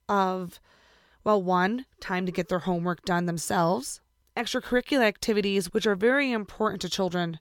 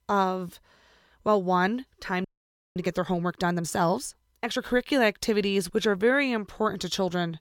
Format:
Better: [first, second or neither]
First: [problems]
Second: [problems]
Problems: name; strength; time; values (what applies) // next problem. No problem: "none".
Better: first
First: none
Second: audio freezing; at 2 s for 0.5 s